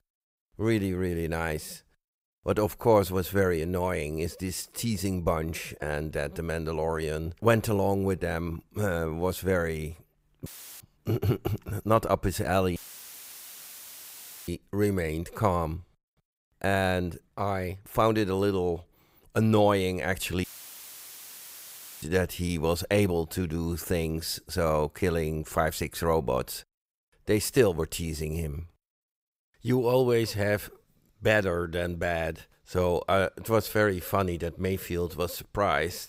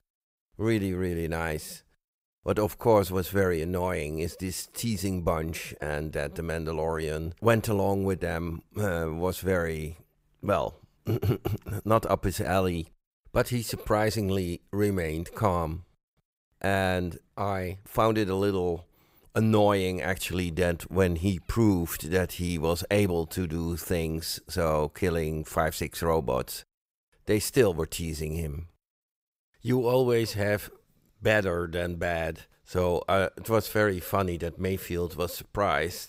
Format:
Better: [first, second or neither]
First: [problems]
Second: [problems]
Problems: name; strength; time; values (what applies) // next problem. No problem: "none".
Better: second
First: audio cutting out; filled with static; at 10 s, at 13 s for 1.5 s and at 20 s for 1.5 s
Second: none